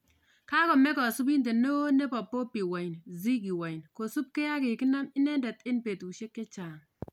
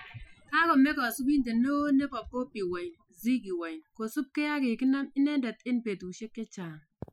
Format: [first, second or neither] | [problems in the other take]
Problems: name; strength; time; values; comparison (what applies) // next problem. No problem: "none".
first | noise reduction (classical method Wiener filter)